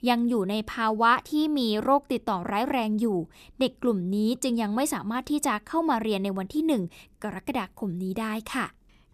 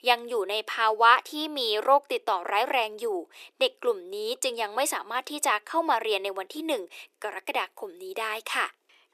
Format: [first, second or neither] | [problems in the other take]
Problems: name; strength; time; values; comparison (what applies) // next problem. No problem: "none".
first | thin; very; fading below 400 Hz